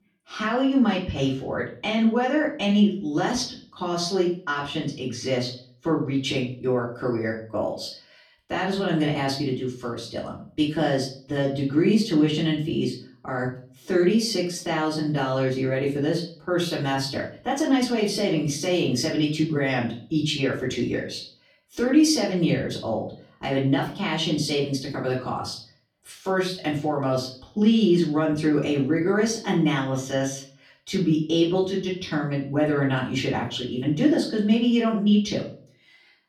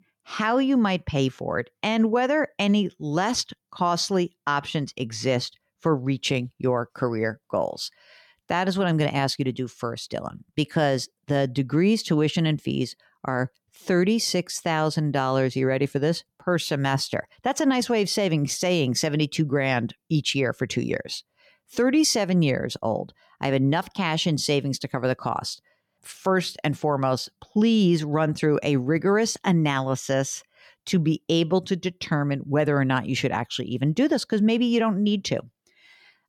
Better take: second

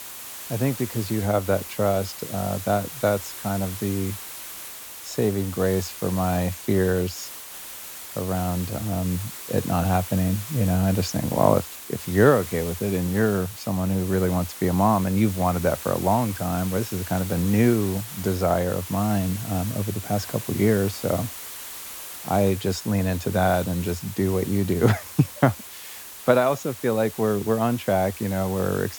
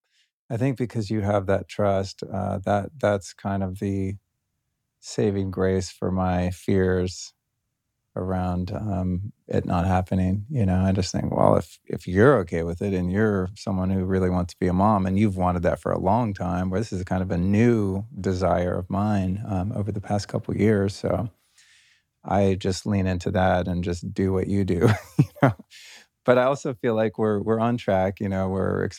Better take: second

